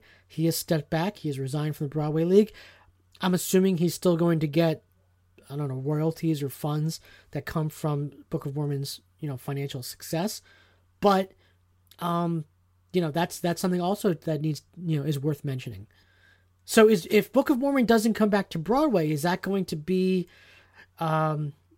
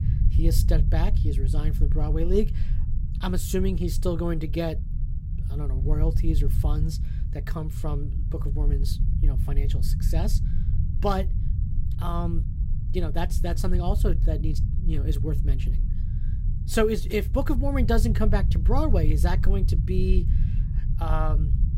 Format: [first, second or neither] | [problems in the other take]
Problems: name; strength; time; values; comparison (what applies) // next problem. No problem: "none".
first | low rumble; noticeable; throughout; 10 dB below the speech